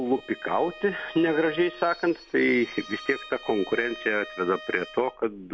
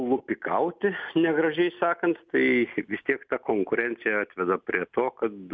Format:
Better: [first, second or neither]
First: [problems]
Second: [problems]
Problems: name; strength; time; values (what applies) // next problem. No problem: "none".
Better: second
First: background sound (Bowed string instrument); 16 dB below the speech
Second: none